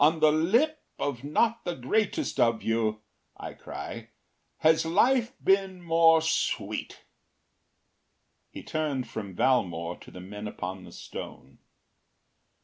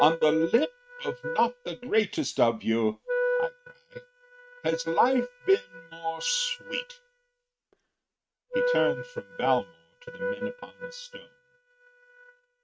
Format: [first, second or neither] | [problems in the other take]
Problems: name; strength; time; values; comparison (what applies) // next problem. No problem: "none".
first | noise reduction (neural mask model RNNoise)